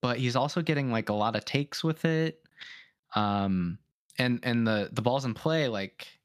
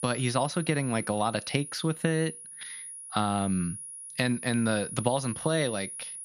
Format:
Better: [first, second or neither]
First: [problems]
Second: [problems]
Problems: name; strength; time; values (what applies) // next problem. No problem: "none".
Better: first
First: none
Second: high-pitched whine; loud; throughout; 10.5 kHz, 9 dB below the speech